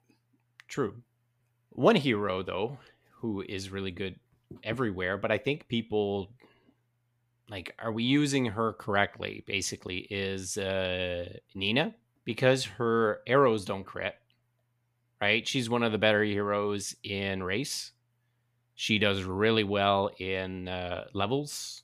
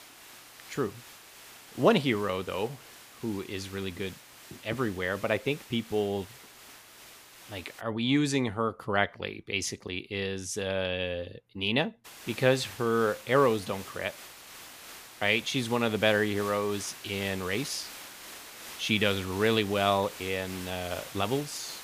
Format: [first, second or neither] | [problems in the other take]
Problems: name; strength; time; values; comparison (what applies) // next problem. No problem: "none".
first | hiss; noticeable; until 8 s and from 12 s on; 15 dB below the speech